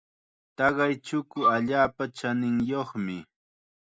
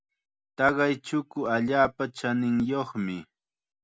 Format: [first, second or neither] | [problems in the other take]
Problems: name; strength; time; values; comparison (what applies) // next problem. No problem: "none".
second | noise reduction (neural mask model Resemble Enhance denoiser)